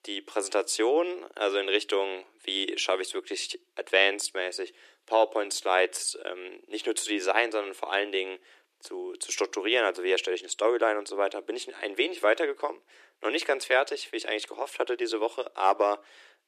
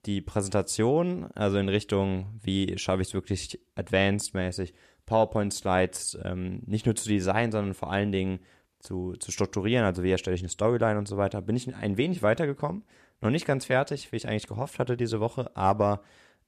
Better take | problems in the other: second | thin; very; fading below 300 Hz

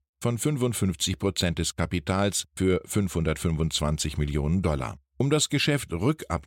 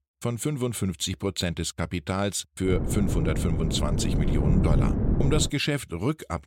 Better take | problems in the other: first | wind noise on the microphone; heavy; from 2.5 to 5.5 s; 4 dB below the speech

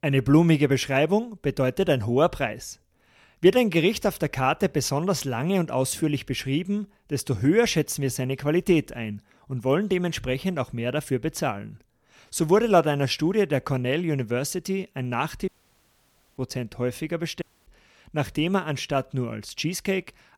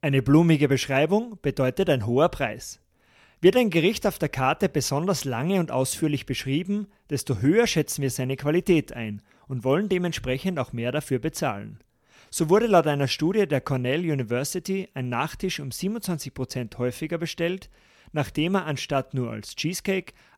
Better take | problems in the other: second | audio cutting out; at 15 s for 1 s and at 17 s

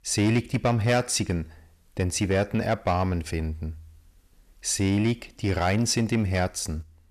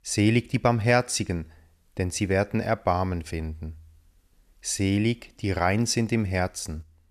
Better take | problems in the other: second | distortion; slight; 10 dB below the speech

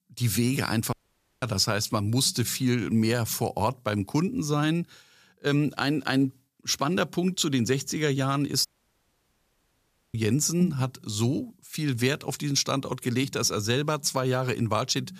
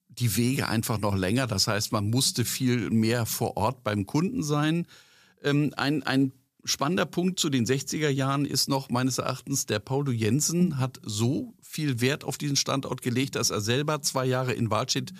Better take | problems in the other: second | audio cutting out; at 1 s and at 8.5 s for 1.5 s

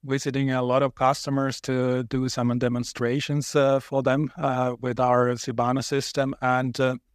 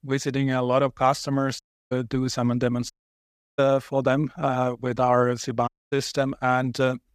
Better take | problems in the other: first | audio cutting out; at 1.5 s, at 3 s for 0.5 s and at 5.5 s

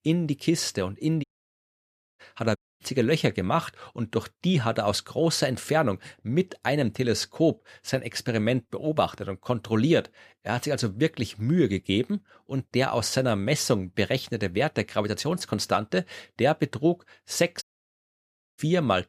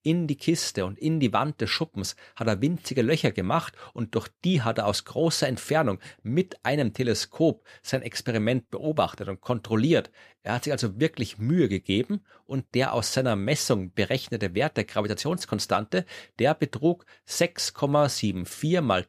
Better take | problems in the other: second | audio cutting out; at 1 s for 1 s, at 2.5 s and at 18 s for 1 s

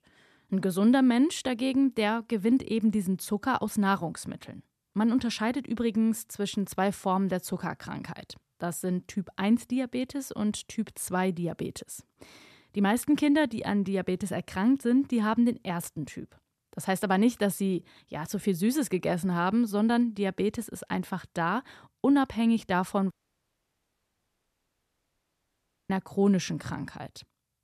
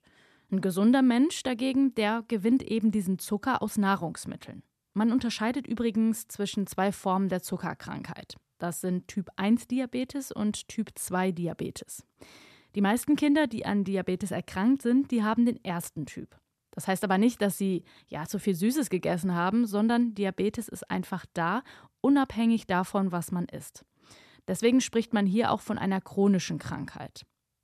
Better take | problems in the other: second | audio cutting out; at 23 s for 3 s

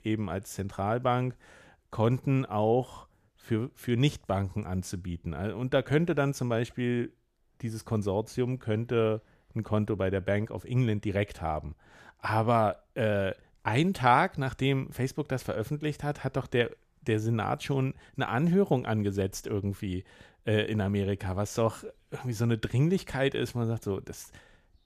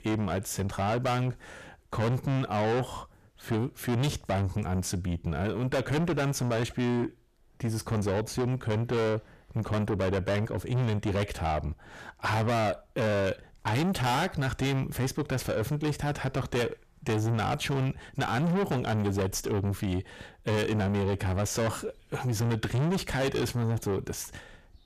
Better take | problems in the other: first | distortion; heavy; 5 dB below the speech

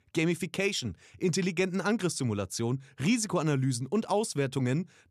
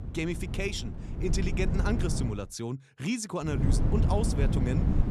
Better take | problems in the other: first | wind noise on the microphone; heavy; until 2.5 s and from 3.5 s on; 5 dB below the speech

